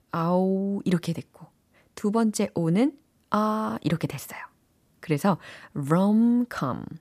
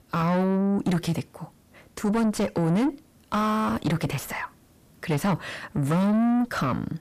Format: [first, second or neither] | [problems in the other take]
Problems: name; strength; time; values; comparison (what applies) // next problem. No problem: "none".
first | distortion; heavy; 6 dB below the speech